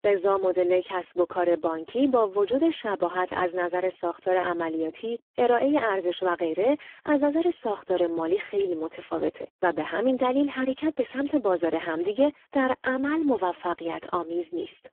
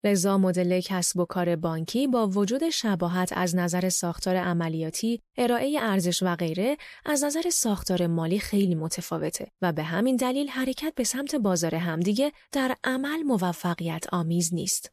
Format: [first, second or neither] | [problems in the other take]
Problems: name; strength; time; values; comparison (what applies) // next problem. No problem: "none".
second | phone-call audio; poor line